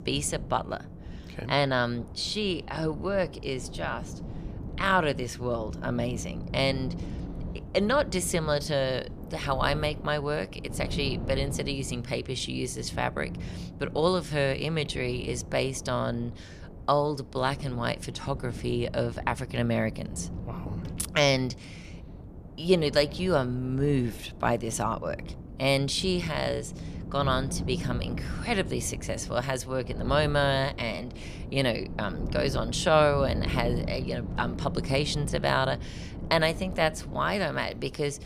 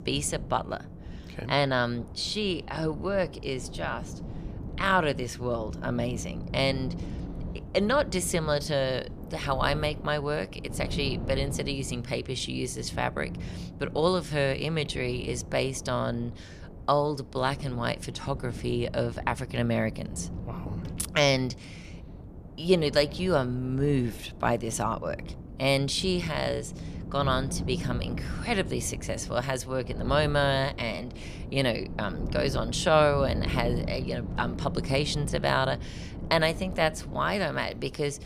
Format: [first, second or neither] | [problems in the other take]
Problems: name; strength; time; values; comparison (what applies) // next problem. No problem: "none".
neither | wind noise on the microphone; occasional gusts; 15 dB below the speech; the same in both